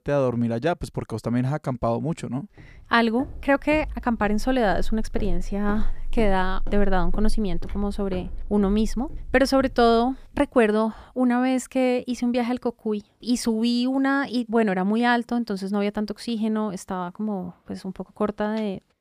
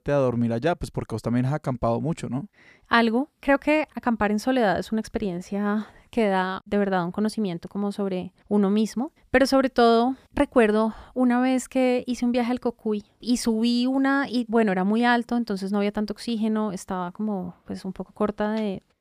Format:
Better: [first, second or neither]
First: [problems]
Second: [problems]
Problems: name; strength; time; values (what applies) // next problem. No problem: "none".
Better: second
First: footsteps; noticeable; from 3.5 to 10 s; peak 8 dB below the speech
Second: none